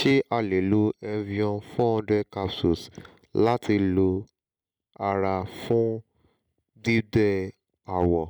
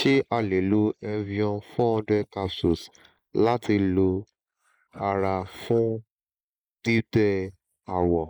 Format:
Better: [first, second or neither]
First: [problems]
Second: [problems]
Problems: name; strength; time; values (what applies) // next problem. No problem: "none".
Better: first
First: none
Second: noise reduction (neural mask model Resemble Enhance denoiser)